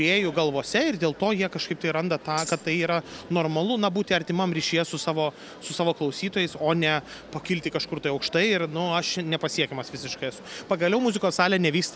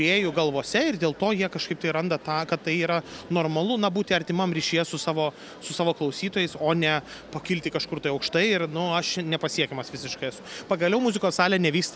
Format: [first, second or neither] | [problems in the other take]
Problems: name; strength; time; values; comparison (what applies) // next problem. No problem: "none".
second | background sound (Tambourine); 13 dB below the speech